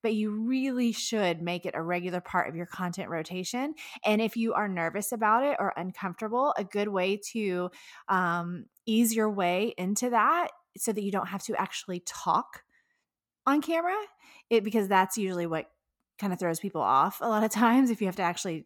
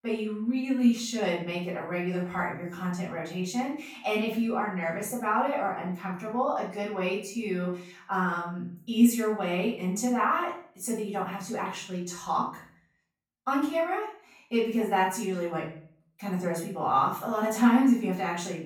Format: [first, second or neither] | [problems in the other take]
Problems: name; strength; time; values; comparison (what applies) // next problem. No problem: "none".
first | room echo; noticeable; dies away in 0.5 s // off-mic speech; far